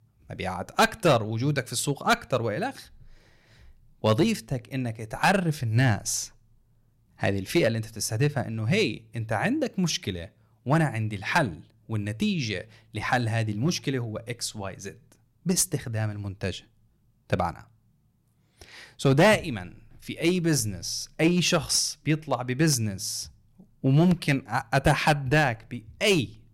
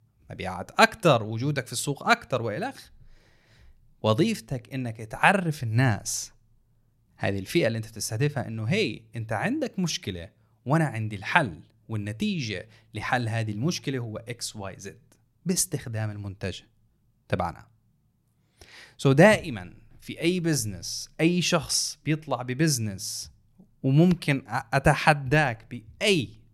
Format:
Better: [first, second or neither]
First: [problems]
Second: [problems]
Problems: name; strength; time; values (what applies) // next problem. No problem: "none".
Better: second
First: distortion; slight; 2% of the sound clipped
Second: none